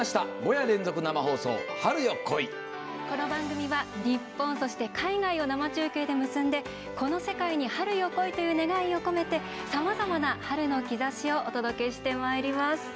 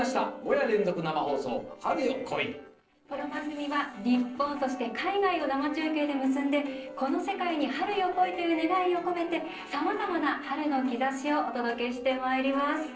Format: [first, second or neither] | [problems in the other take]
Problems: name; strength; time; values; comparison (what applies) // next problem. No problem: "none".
first | noise reduction (neural separator model SepFormer DNS4)